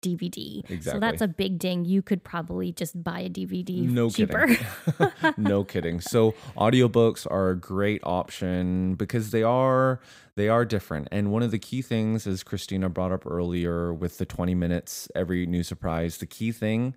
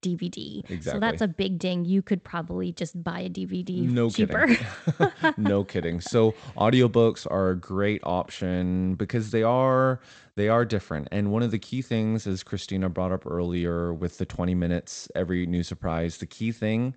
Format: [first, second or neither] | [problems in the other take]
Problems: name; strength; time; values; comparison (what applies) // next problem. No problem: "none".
first | garbled, watery; slightly; nothing above 8 kHz